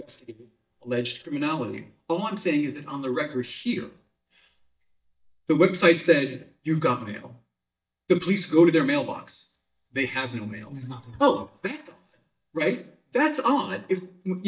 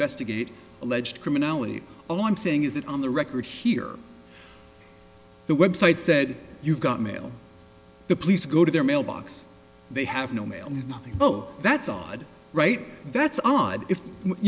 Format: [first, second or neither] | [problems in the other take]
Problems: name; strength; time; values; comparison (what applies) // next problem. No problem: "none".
second | noise reduction (neural mask model DeepFilterNet 3)